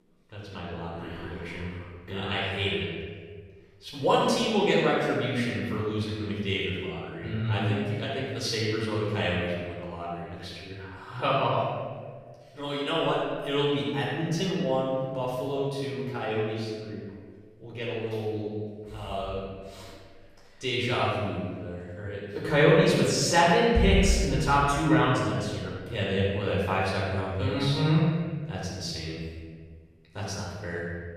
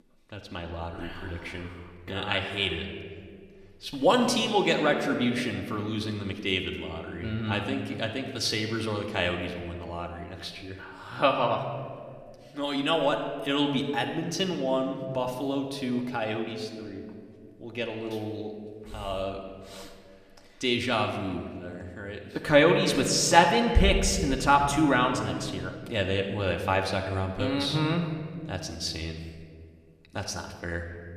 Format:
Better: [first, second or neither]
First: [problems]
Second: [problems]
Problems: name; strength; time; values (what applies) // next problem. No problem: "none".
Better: second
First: room echo; strong; dies away in 1.7 s // off-mic speech; far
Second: room echo; slight; dies away in 1.5 s